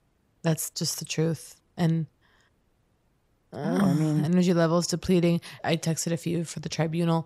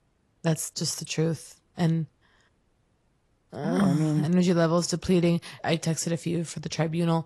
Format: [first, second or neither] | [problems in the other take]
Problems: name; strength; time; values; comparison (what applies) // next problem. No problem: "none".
first | garbled, watery; slightly; nothing above 11.5 kHz